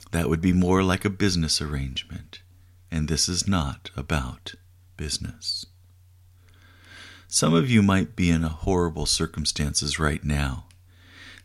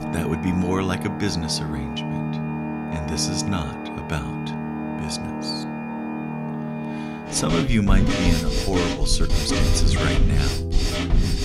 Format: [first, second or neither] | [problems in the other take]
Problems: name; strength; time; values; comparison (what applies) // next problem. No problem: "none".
first | background music; very loud; throughout; as loud as the speech